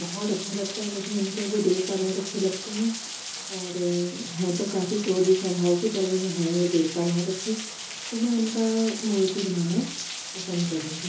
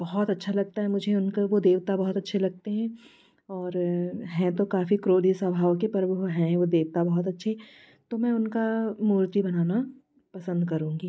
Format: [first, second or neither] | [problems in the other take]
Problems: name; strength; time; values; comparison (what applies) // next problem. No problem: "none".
second | background sound (Rain); 9 dB below the speech // room echo; dies away in 0.7 s